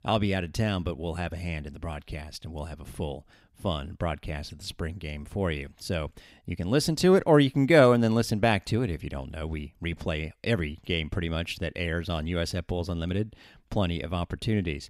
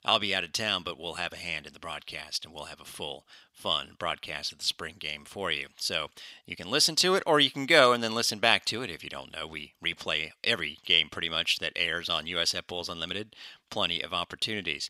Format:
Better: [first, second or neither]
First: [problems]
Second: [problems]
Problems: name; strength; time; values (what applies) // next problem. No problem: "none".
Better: first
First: none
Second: thin; somewhat; fading below 1 kHz